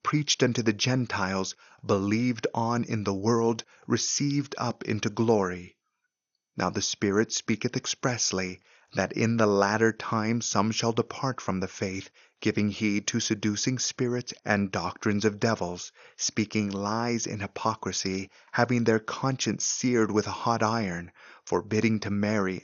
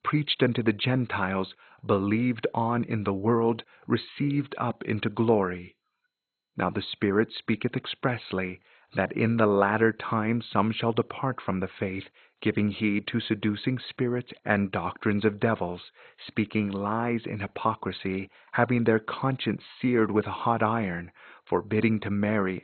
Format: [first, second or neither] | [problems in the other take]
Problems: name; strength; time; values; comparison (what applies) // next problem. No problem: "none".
first | garbled, watery; badly; nothing above 4 kHz; slightly in the first